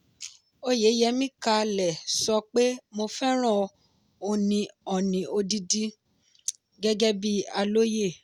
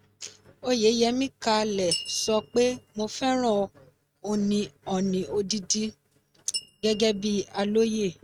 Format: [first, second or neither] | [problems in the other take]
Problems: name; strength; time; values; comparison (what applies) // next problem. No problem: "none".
first | noise reduction (neural mask model RNNoise)